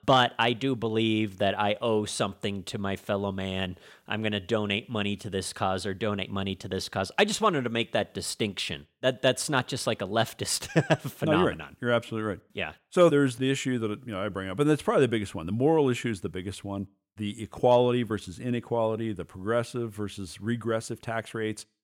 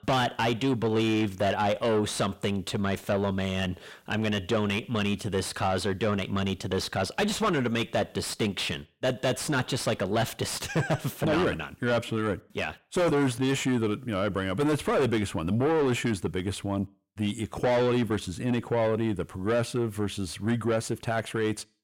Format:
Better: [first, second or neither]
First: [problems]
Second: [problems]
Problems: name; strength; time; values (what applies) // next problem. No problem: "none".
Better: first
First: none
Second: distortion; heavy; 6 dB below the speech